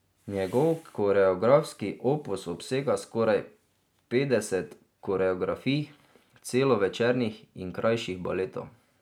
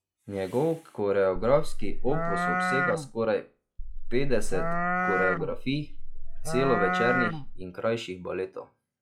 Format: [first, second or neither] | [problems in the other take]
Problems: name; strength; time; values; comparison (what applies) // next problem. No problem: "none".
first | noise reduction (classical method log-MMSE)